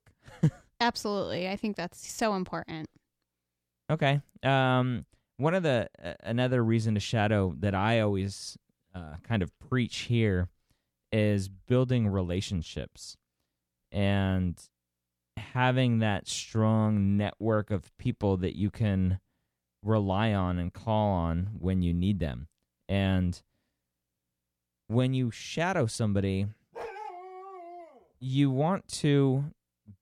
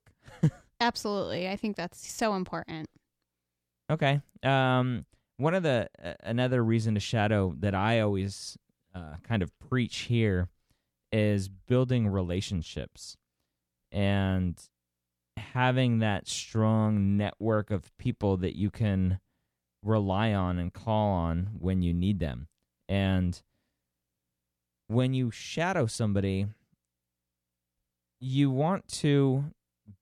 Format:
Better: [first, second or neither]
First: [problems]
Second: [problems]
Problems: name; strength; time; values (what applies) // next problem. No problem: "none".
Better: second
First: dog barking; faint; from 27 to 28 s; peak 10 dB below the speech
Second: none